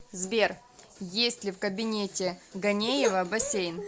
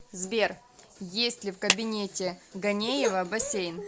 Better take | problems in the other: first | background sound (Clapping); 3 dB below the speech

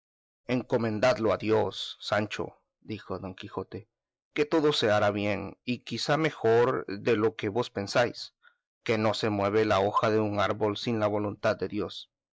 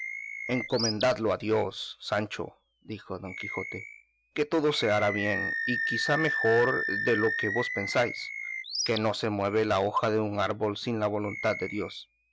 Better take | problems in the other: first | background sound (Animal); 6 dB below the speech

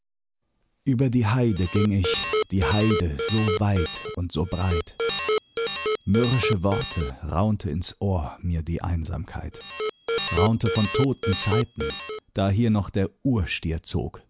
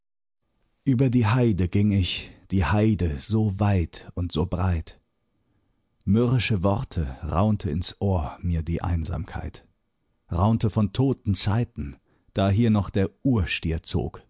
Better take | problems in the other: second | background sound (Alarm); 3 dB below the speech

